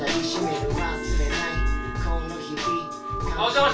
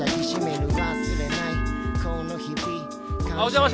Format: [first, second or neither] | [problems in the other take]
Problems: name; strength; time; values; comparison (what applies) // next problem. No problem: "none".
second | room echo; dies away in 0.2 s